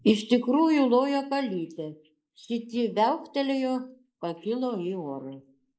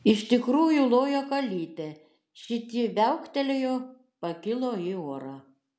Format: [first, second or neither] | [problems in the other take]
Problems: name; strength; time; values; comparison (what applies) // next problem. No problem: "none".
second | noise reduction (neural mask model Resemble Enhance denoiser)